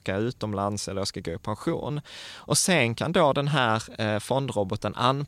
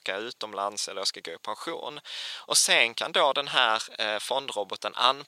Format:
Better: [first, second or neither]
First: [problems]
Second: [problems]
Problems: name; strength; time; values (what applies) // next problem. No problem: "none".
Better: first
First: none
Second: thin; very; fading below 600 Hz